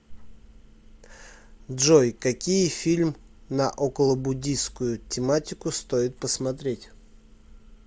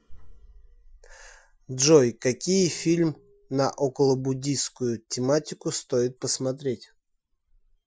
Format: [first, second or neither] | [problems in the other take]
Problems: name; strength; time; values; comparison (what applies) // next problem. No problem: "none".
first | noise reduction (classical method Wiener filter)